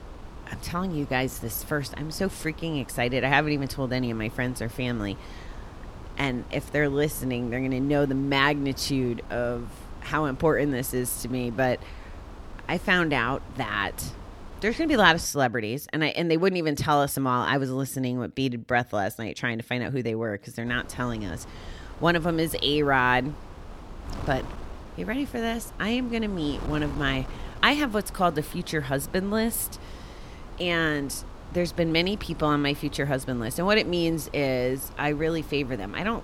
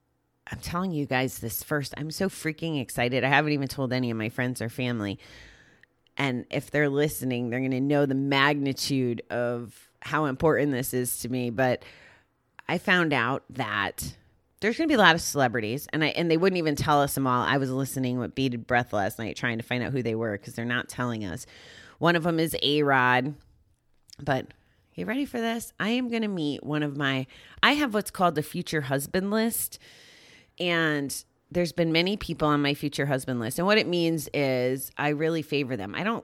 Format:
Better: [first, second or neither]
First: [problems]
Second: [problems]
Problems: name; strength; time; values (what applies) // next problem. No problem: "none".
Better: second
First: wind noise on the microphone; occasional gusts; until 15 s and from 21 s on; 20 dB below the speech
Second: none